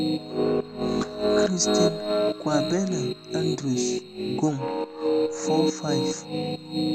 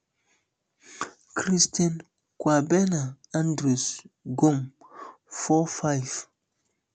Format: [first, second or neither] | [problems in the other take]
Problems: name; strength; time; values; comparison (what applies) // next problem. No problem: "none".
second | background sound (Piano); 5 dB above the speech